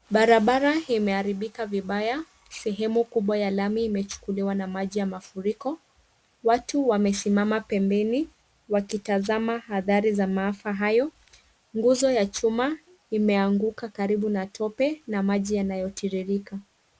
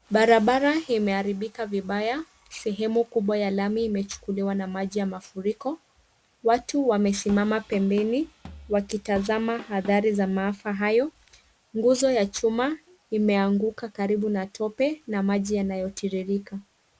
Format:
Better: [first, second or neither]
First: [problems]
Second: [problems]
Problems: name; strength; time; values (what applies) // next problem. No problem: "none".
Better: first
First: none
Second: background sound (Drum kit); 19 dB below the speech